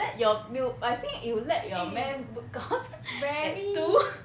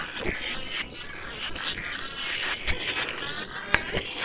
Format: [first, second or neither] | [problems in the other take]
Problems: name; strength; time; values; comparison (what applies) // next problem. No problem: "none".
first | noise reduction (neural separator model SepFormer WHAM!)